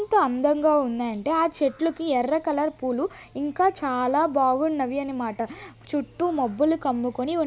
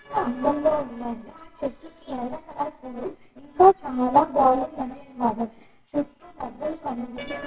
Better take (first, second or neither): first